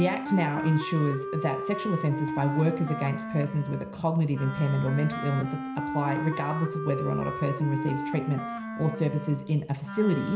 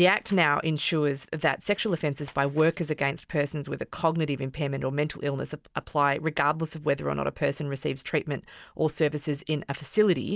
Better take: second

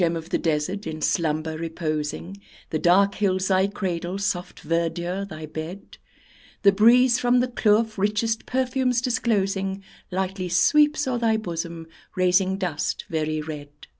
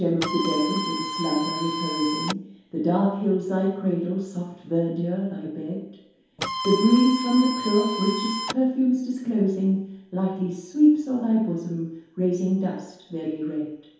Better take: first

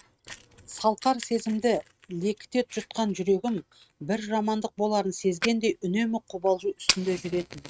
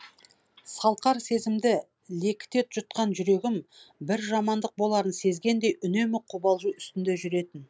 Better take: second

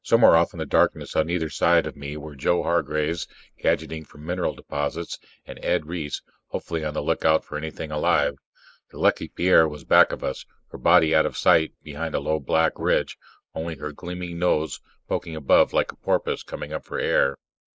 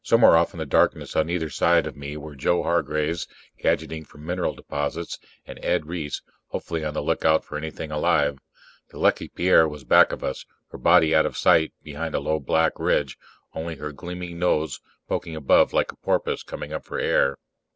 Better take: second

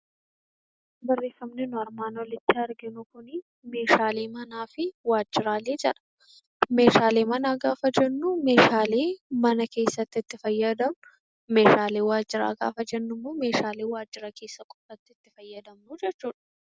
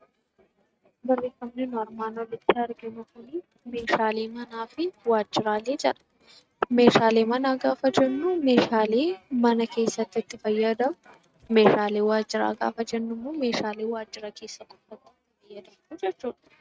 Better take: first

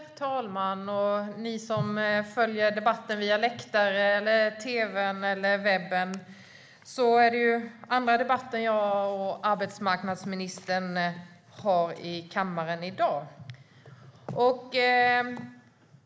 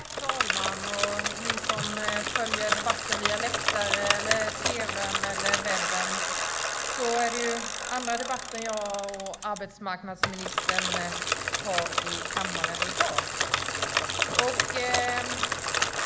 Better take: first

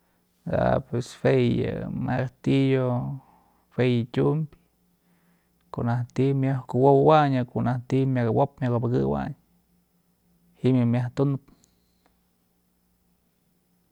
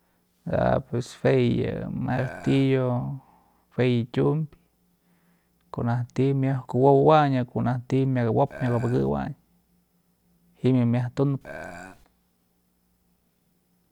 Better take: first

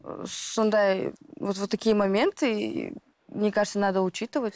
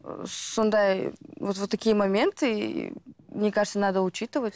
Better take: second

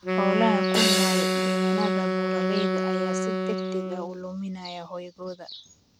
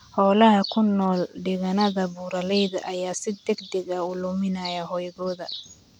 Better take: second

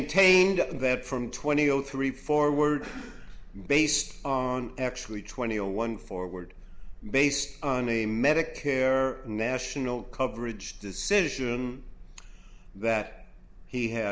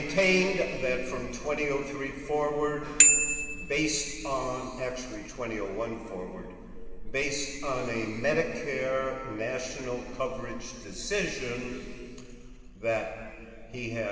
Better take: first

